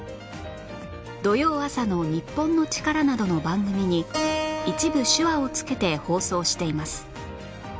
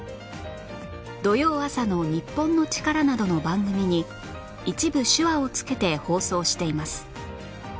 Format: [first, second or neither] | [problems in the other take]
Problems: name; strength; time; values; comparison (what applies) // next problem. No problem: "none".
second | background sound (Keyboard (musical)); 10 dB below the speech